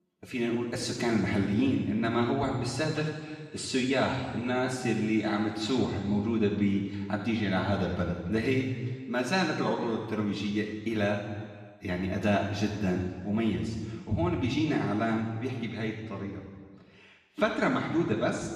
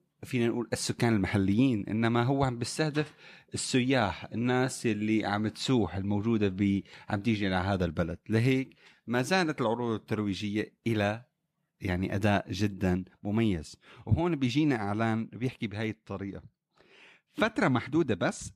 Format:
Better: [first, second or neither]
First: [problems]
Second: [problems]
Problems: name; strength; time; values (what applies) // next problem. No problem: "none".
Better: second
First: room echo; noticeable; dies away in 1.5 s // off-mic speech; far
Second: none